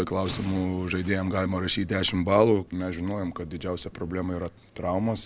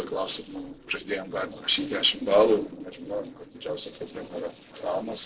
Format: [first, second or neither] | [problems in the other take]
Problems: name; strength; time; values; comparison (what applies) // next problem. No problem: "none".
first | noise reduction (neural separator model SepFormer DNS4)